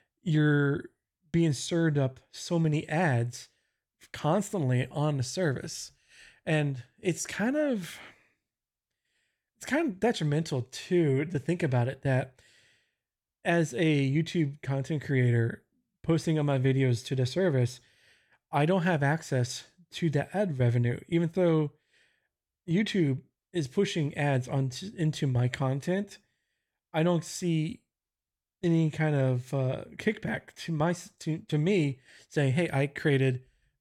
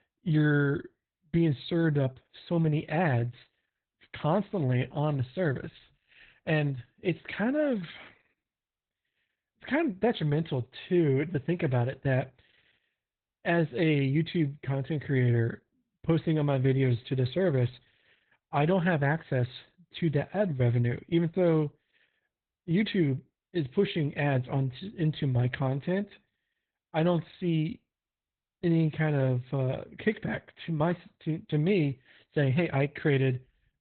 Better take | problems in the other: first | garbled, watery; badly; nothing above 4 kHz

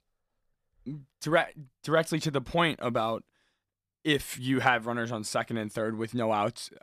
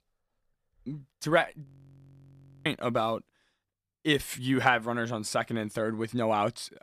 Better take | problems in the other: first | audio freezing; at 1.5 s for 1 s

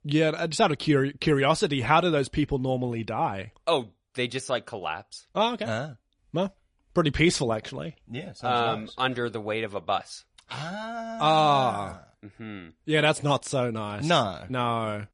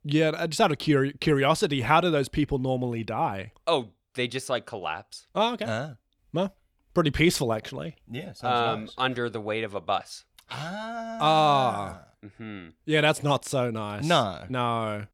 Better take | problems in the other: second | garbled, watery; slightly; nothing above 10.5 kHz

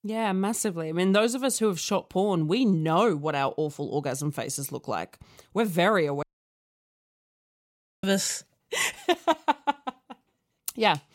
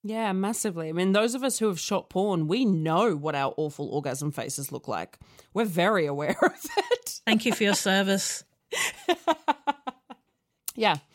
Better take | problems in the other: second | audio cutting out; at 6 s for 2 s

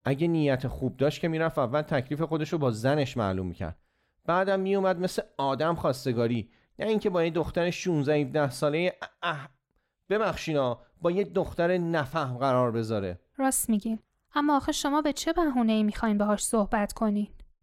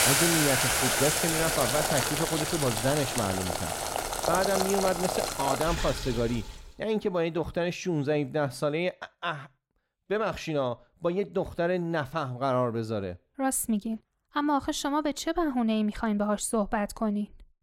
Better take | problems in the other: first | household noises; very loud; until 6 s; 2 dB above the speech

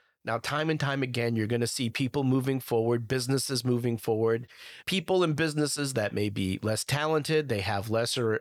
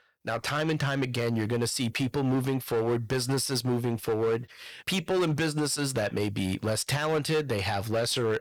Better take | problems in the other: first | distortion; slight; 12% of the sound clipped

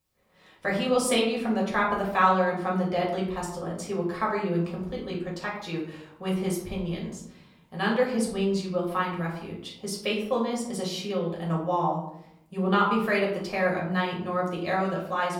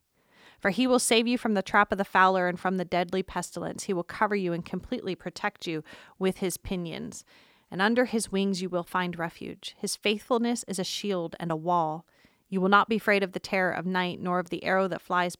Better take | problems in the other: second | off-mic speech; far // room echo; noticeable; dies away in 0.7 s

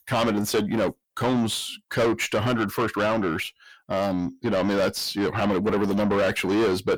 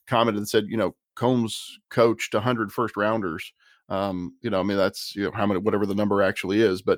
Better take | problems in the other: second | distortion; heavy; 6 dB below the speech

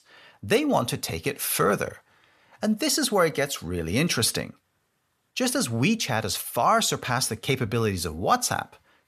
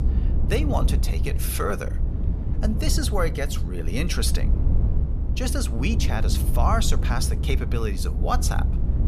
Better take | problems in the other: first | low rumble; noticeable; throughout; 10 dB below the speech

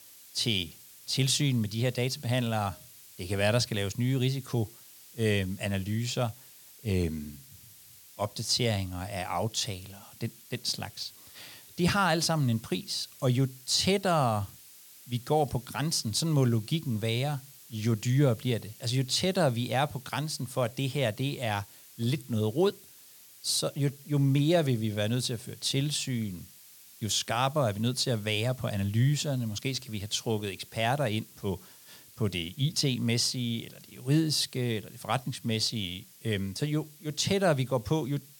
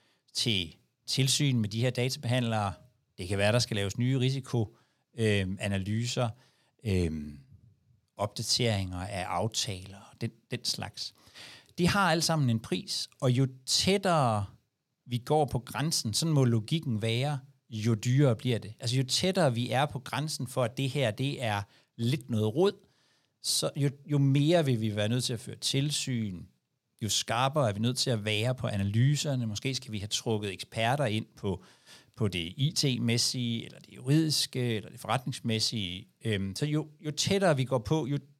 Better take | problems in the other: second | hiss; faint; throughout; 20 dB below the speech

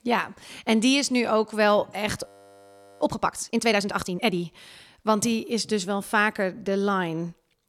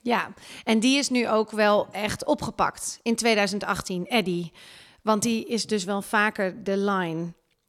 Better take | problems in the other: second | audio freezing; at 2.5 s for 0.5 s

